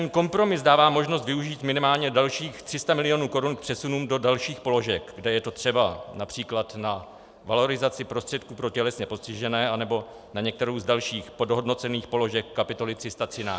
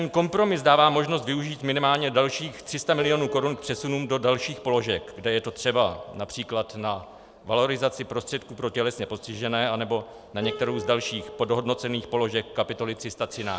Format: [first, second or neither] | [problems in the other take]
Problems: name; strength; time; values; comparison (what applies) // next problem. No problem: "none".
first | background sound (Piano); 17 dB below the speech